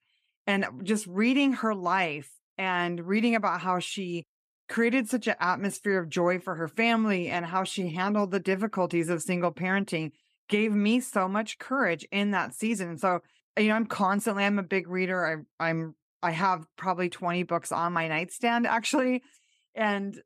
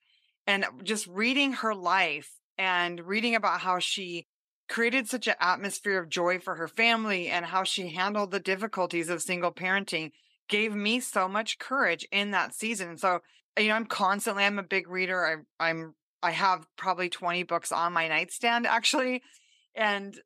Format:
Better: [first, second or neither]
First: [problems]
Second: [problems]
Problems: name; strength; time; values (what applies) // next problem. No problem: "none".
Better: first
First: none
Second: thin; very slightly; fading below 550 Hz